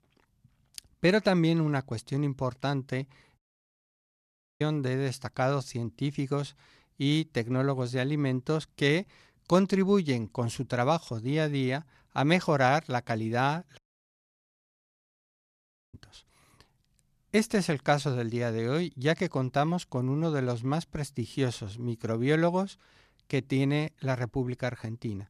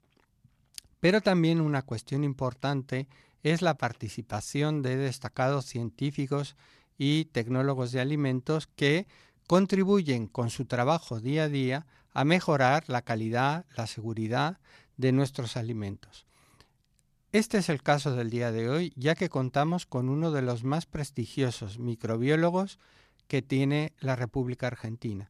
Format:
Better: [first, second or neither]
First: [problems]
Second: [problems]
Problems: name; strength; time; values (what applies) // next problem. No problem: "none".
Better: second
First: audio cutting out; at 3.5 s for 1 s and at 14 s for 2 s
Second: none